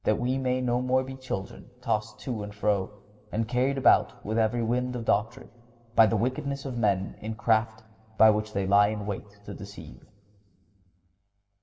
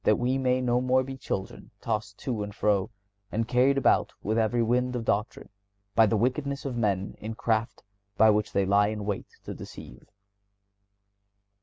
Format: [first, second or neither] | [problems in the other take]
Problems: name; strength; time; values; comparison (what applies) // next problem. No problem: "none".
second | room echo; dies away in 1.4 s